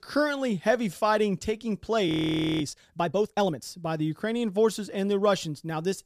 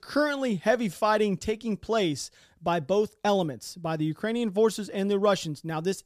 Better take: second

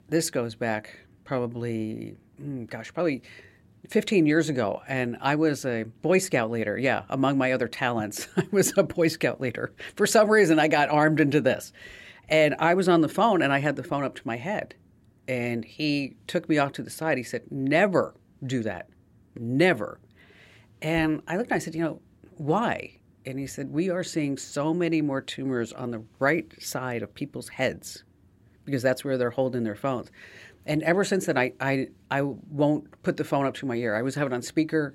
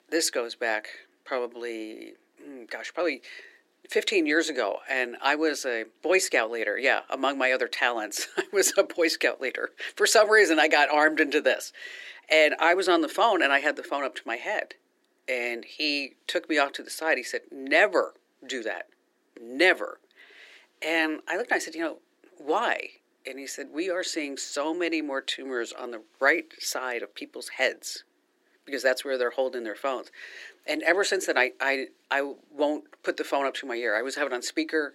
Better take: first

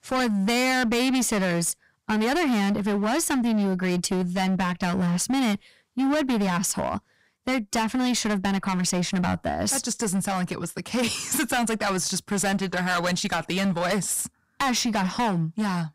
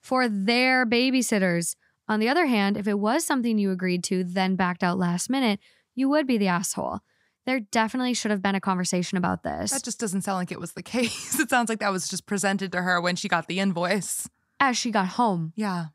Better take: second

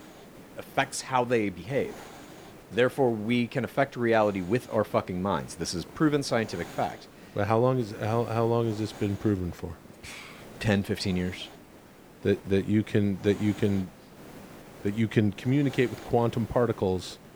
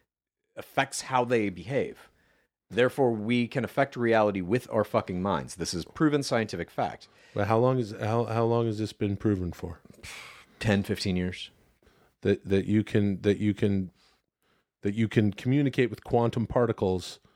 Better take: second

